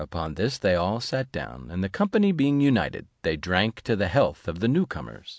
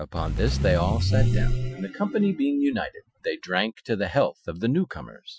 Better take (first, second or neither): first